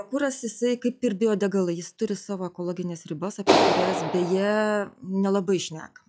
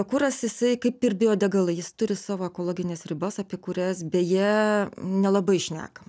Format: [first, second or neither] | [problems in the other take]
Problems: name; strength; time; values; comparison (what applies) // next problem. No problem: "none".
second | noise reduction (classical method log-MMSE)